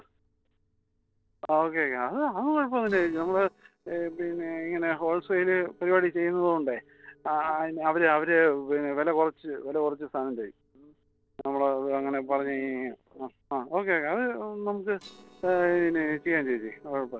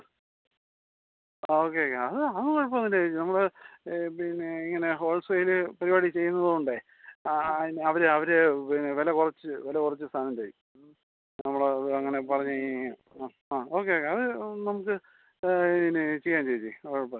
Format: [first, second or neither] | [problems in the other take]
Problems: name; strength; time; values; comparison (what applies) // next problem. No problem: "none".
second | noise reduction (neural separator model SepFormer DNS4)